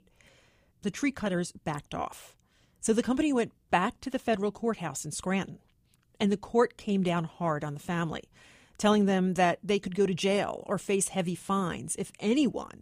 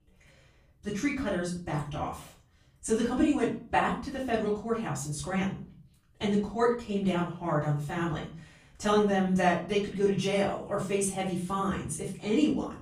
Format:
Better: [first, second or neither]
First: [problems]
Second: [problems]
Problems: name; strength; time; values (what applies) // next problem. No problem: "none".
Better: first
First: none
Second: room echo; slight; dies away in 0.4 s // off-mic speech; far